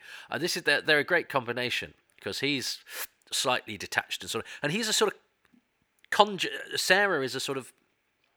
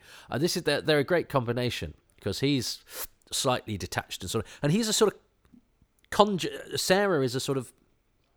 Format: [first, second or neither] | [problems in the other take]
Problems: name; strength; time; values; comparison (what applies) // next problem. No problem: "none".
second | thin; somewhat; fading below 350 Hz